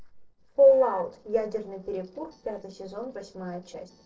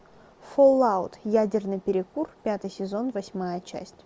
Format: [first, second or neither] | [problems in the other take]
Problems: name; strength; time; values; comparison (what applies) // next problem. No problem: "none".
second | noise reduction (neural separator model SepFormer DNS4)